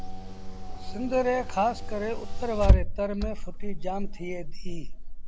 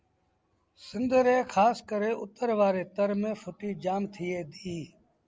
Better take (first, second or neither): second